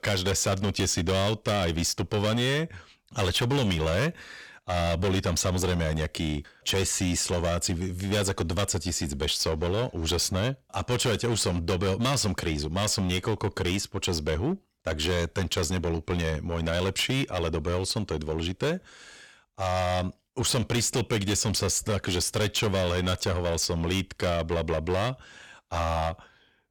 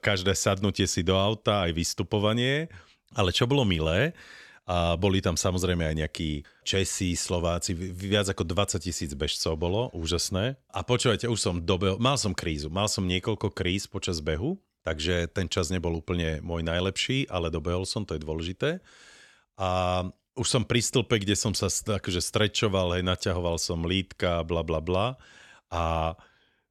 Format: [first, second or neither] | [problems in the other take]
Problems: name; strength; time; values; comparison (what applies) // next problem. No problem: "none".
second | distortion; heavy; 15% of the sound clipped